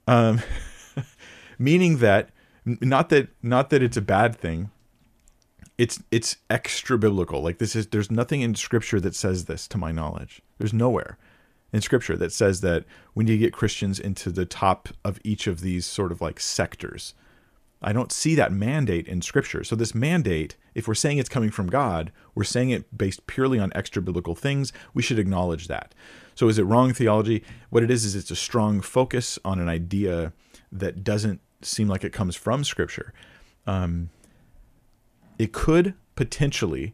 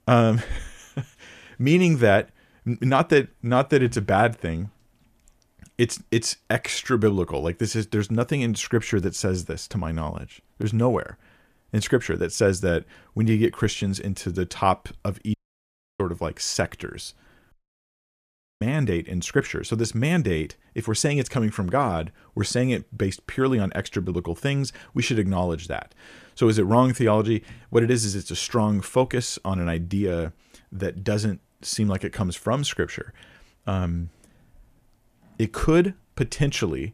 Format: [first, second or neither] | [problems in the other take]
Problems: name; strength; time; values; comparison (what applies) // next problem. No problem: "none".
first | audio cutting out; at 15 s for 0.5 s and at 18 s for 1 s